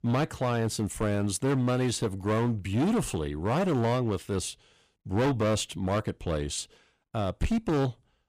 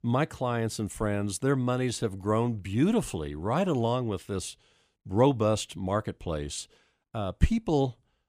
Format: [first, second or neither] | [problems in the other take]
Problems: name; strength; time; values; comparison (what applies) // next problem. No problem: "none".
second | distortion; heavy; 13% of the sound clipped